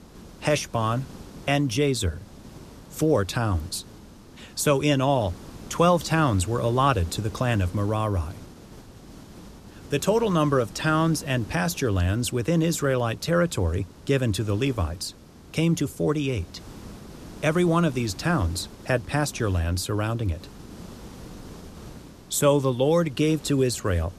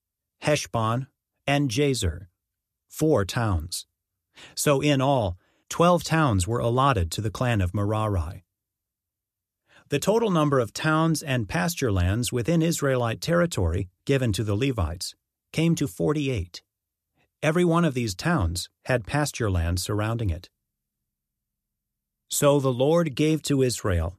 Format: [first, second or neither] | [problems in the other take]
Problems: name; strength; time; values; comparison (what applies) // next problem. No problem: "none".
second | hiss; noticeable; throughout; 20 dB below the speech